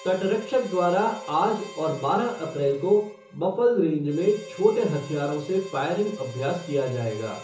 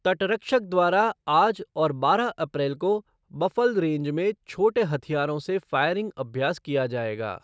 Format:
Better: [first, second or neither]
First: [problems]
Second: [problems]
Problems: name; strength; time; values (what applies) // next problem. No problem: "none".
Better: second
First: background sound (Harmonica); 17 dB below the speech // room echo; dies away in 0.7 s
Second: none